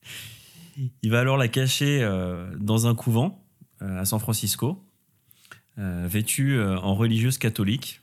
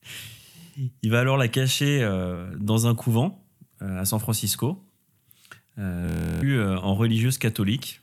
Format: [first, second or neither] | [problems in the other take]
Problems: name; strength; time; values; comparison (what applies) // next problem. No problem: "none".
first | audio freezing; at 6 s